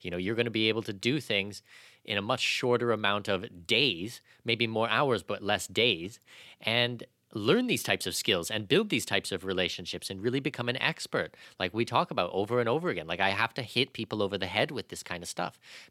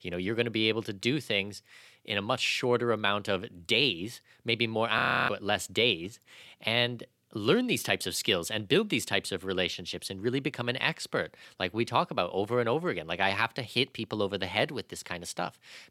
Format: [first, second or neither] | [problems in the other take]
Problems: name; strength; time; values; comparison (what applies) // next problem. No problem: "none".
first | audio freezing; at 5 s